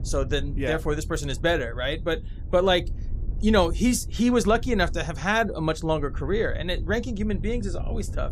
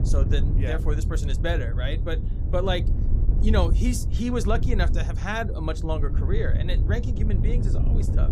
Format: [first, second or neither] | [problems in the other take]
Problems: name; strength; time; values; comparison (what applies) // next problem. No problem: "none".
first | wind noise on the microphone; heavy; 9 dB below the speech; occasional gusts in the first